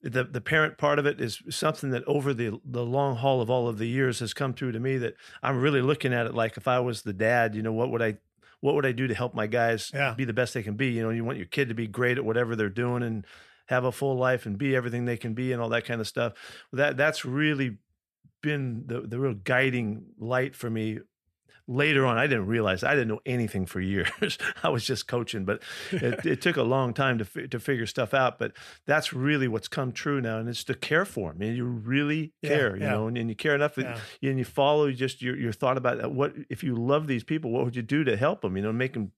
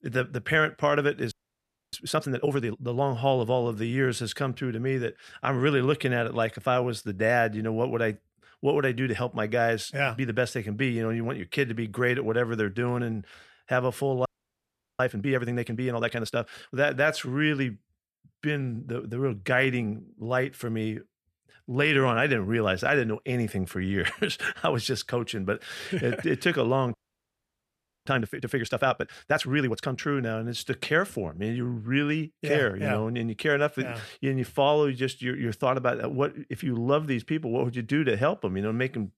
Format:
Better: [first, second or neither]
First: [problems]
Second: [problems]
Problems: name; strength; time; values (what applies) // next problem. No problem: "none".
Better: first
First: none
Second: audio freezing; at 1.5 s for 0.5 s, at 14 s for 0.5 s and at 27 s for 1 s